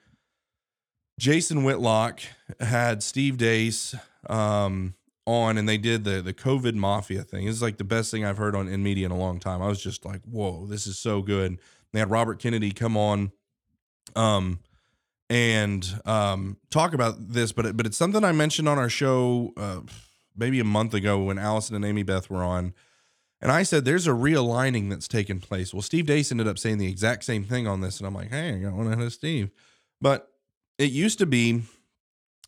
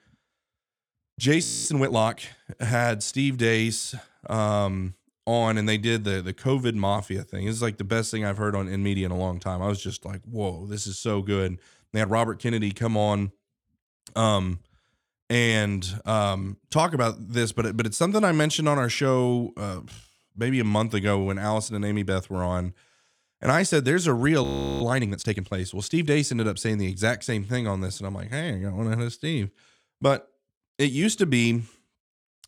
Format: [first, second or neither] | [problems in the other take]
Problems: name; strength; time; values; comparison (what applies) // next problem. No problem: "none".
first | audio freezing; at 1.5 s and at 24 s